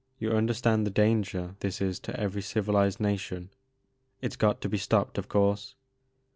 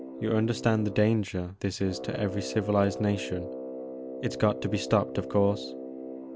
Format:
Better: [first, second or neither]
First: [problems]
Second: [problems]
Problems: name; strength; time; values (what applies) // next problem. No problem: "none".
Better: first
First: none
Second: background sound (Brass instrument); 10 dB below the speech